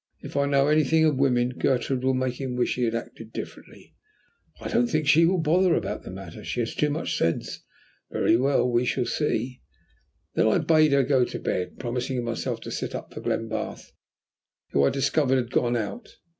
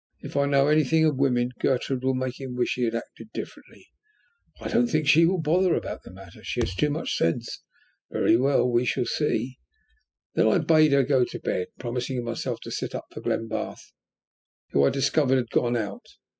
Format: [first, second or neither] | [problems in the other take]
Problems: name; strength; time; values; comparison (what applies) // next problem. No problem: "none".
first | noise reduction (classical method spectral subtraction)